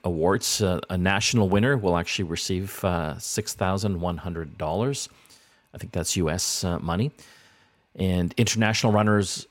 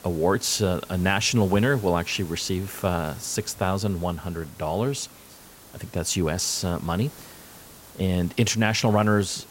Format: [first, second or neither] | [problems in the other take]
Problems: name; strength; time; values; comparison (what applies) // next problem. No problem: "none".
first | hiss; faint; throughout; 20 dB below the speech